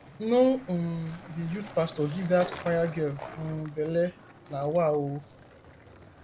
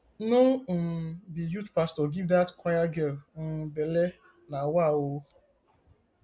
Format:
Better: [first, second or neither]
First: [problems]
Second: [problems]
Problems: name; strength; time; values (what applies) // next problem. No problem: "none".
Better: second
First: background sound (Skateboard); 17 dB below the speech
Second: none